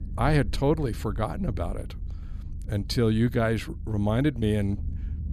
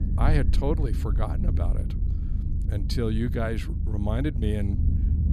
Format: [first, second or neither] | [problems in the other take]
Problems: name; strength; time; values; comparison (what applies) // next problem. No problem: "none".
first | low rumble; loud; throughout; 9 dB below the speech; faint in the first